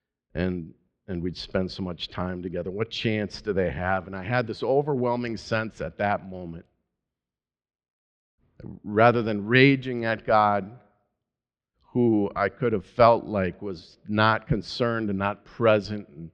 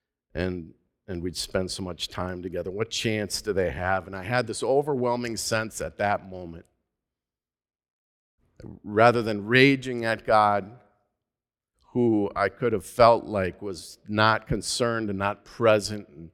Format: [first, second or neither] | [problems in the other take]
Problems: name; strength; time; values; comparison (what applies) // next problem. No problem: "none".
second | muffled; very slightly; fading above 4 kHz